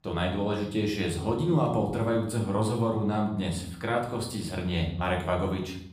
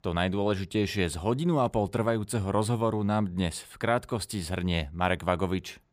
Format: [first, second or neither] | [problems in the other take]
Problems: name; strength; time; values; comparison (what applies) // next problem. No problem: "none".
second | room echo; slight; dies away in 0.7 s // off-mic speech; somewhat distant